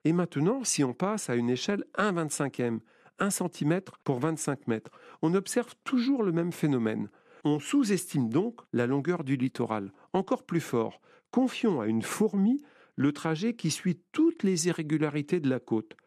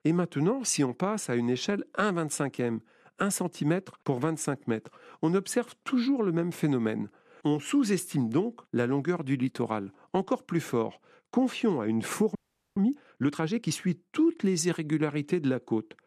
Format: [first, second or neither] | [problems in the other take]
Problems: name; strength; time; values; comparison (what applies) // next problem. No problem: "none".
first | audio freezing; at 12 s